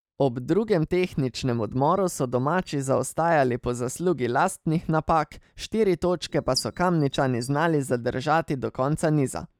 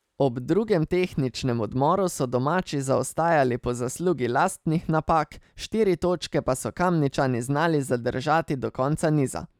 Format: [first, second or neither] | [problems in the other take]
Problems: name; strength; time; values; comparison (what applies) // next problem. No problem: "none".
second | noise reduction (neural mask model DeepFilterNet 3)